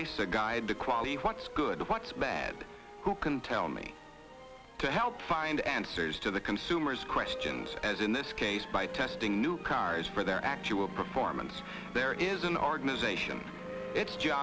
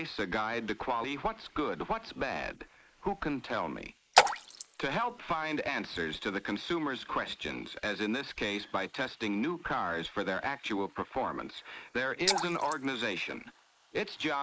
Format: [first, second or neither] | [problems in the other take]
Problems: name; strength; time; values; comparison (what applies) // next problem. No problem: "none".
first | noise reduction (neural mask model Resemble Enhance denoiser)